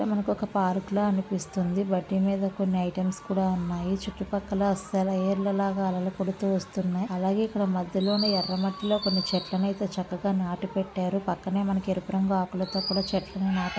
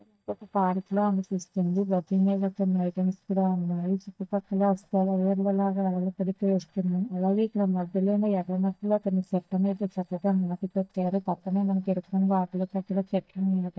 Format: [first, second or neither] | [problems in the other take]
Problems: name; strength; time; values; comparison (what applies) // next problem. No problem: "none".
first | noise reduction (neural mask model DeepFilterNet 3)